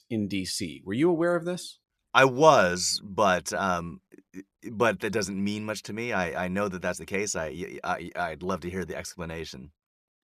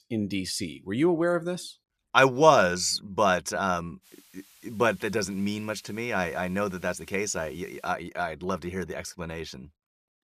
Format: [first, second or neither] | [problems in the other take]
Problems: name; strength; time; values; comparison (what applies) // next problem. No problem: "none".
first | hiss; faint; from 4 to 8 s; 30 dB below the speech